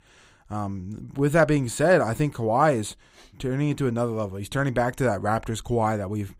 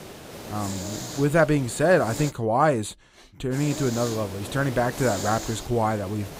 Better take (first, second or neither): first